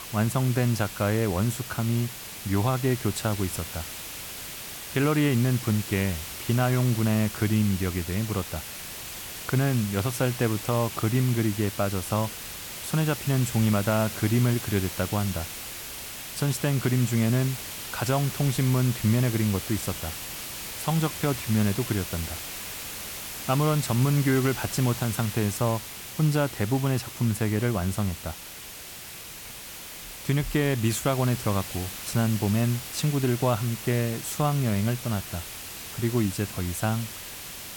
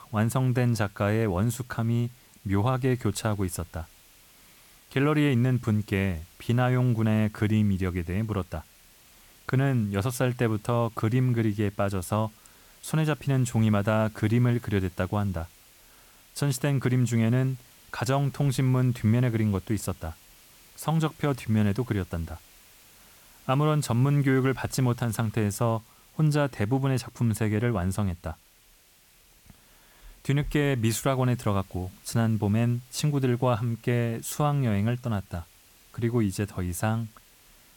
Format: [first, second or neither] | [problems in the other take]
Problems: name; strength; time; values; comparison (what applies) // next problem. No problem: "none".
second | hiss; loud; throughout; 9 dB below the speech; faint in the second